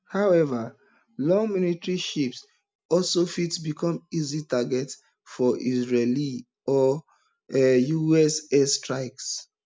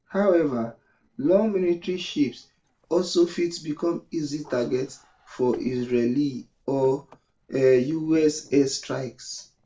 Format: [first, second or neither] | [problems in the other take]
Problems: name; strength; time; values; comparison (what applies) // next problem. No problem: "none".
first | noise reduction (neural separator model SepFormer DNS4)